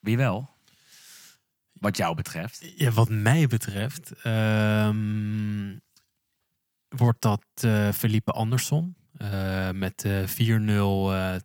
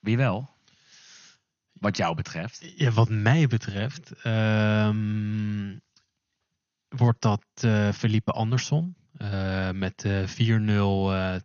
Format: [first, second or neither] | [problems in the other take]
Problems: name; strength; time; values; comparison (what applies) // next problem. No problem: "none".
first | garbled, watery; slightly; nothing above 6.5 kHz